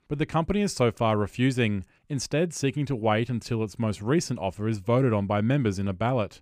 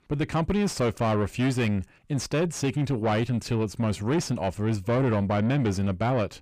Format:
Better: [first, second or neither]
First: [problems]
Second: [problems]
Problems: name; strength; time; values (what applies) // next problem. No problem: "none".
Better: first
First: none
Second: distortion; slight; 10 dB below the speech